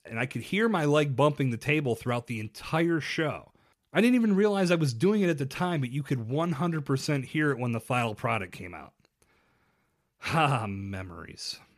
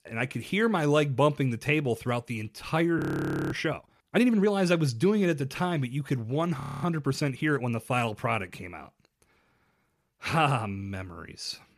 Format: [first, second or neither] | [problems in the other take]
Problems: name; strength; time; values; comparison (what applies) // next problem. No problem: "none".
first | audio freezing; at 3 s for 0.5 s and at 6.5 s